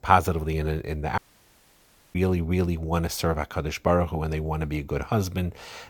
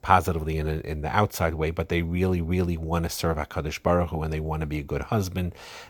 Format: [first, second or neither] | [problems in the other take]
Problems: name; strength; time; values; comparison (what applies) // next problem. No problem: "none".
second | audio cutting out; at 1 s for 1 s